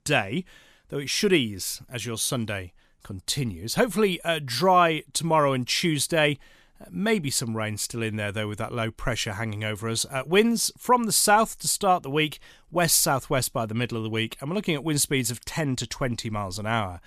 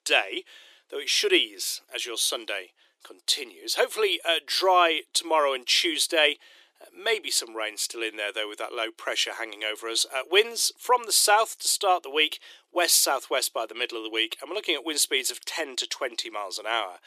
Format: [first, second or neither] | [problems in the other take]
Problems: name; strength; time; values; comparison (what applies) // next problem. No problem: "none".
first | thin; very; fading below 350 Hz